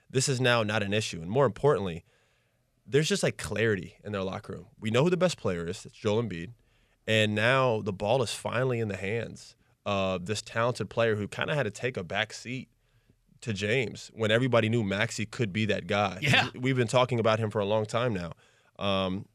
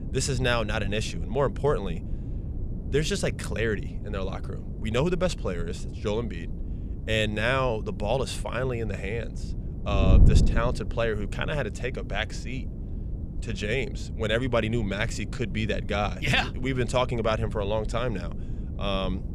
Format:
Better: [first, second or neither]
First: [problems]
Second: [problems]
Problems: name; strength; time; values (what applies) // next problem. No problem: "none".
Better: first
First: none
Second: wind noise on the microphone; occasional gusts; 15 dB below the speech